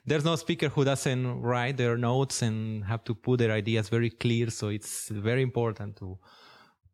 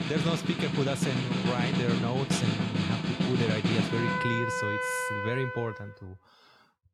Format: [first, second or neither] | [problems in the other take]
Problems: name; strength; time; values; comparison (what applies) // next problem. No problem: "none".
first | background music; very loud; until 5.5 s; 3 dB above the speech